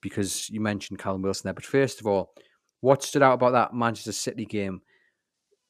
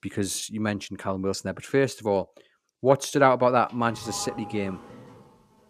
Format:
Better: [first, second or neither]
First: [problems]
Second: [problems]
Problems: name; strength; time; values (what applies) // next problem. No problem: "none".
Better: first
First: none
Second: doorbell; faint; from 3.5 s on; peak 10 dB below the speech